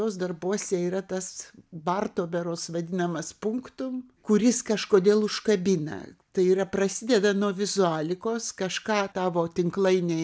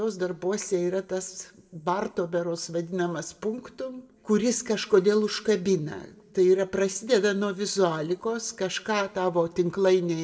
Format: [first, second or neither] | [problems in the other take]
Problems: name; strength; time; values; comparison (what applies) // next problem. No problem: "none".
first | room echo; dies away in 0.6 s